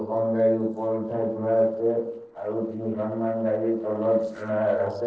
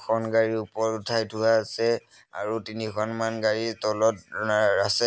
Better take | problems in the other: second | noise reduction (neural separator model SepFormer DNS4)

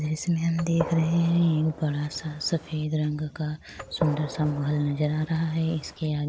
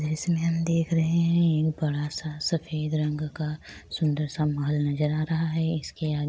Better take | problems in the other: second | background sound (Gunshot, gunfire); 13 dB below the speech

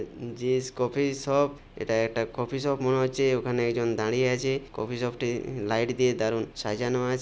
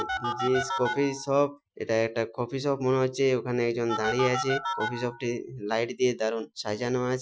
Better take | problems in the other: first | noise reduction (classical method Wiener filter)

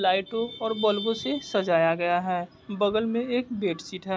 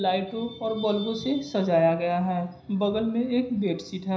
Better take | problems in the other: first | room echo; dies away in 0.5 s

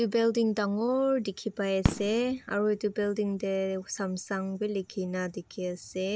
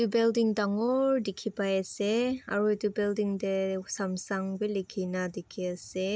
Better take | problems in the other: second | background sound (Fireworks); 9 dB below the speech

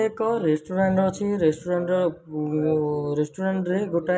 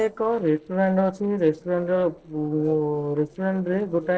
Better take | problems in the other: first | noise reduction (neural separator model SepFormer DNS4)

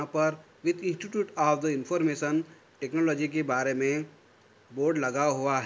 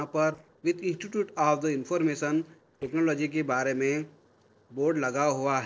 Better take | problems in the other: first | noise reduction (neural separator model SepFormer DNS4)

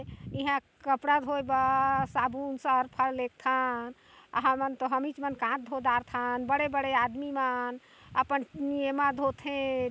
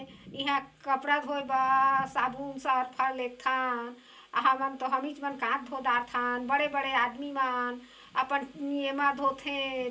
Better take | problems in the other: first | room echo; dies away in 0.2 s

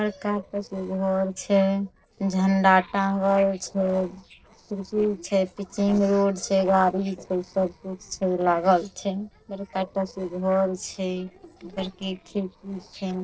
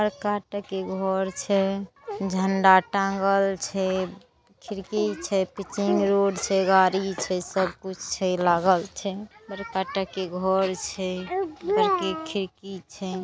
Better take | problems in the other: second | noise reduction (neural separator model SepFormer DNS4)

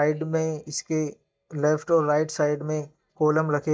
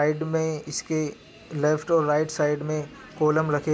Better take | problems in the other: second | noise reduction (neural mask model DeepFilterNet 3)

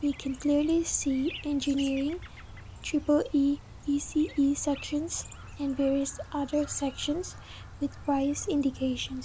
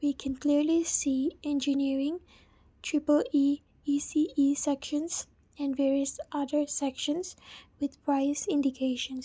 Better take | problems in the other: second | background sound (Chirp, tweet); 15 dB below the speech

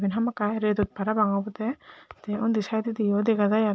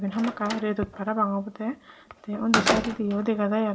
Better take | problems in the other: first | background sound (Slam); 5 dB below the speech // room echo; dies away in 0.4 s

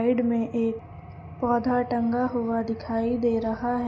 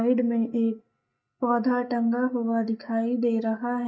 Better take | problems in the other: first | noise reduction (neural mask model DeepFilterNet 3)

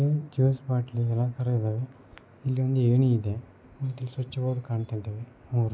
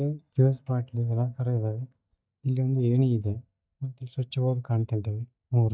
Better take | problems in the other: first | noise reduction (neural mask model DeepFilterNet 3)

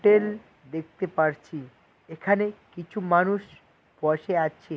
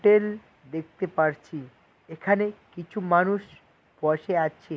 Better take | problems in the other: second | background sound (Brass instrument); 17 dB below the speech

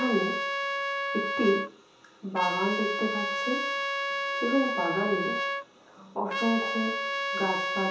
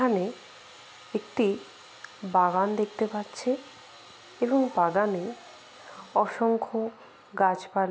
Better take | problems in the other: second | background sound (Trumpet); as loud as the speech // room echo; dies away in 0.6 s

